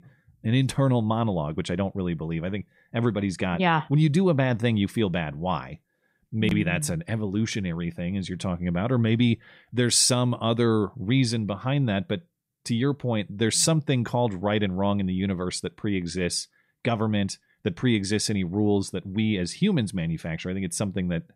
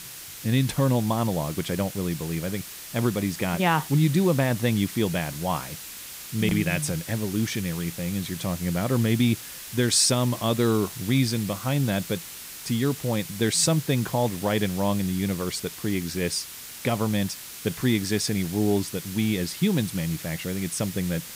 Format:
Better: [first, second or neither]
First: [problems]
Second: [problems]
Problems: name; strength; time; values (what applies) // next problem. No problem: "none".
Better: first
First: none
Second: hiss; noticeable; throughout; 10 dB below the speech